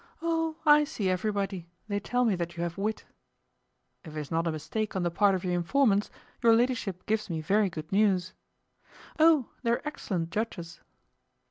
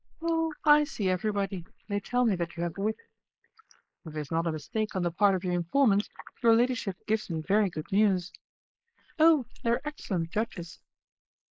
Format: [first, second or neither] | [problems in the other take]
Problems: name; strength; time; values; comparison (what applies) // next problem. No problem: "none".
first | noise reduction (neural mask model Resemble Enhance denoiser)